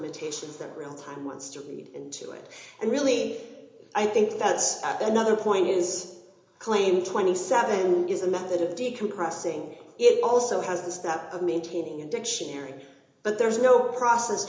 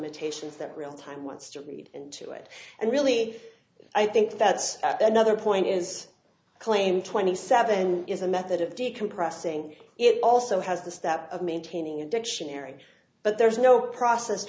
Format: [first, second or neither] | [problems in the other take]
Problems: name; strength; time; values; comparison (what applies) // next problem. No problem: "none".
second | room echo; dies away in 0.8 s